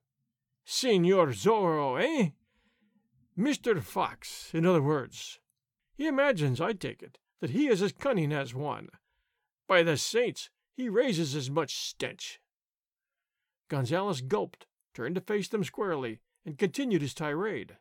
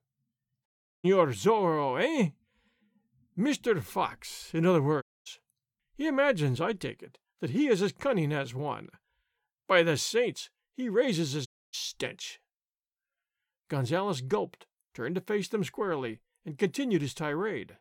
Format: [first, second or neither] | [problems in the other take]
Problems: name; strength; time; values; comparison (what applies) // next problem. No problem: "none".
first | audio cutting out; at 0.5 s, at 5 s and at 11 s